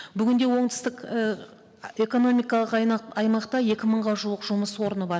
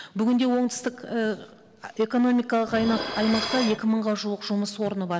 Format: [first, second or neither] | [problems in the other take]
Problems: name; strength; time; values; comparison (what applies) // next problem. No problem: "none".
first | background sound (Dishes, pots, and pans); 11 dB below the speech